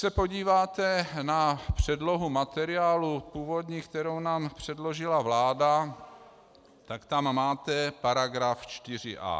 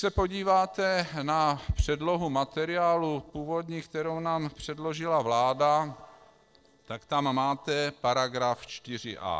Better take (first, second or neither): first